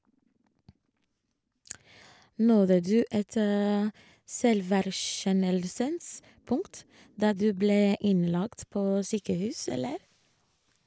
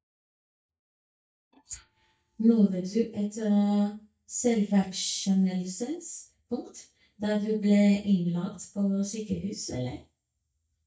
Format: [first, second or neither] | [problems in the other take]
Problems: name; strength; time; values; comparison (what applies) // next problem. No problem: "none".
first | noise reduction (neural mask model DeepFilterNet 3)